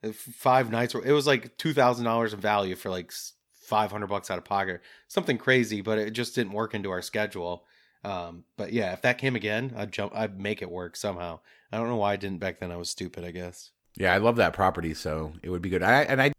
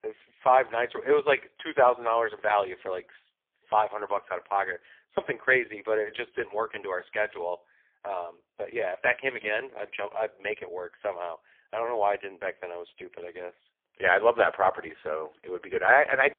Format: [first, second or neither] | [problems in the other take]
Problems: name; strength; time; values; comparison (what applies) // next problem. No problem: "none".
first | phone-call audio; poor line; nothing above 3.5 kHz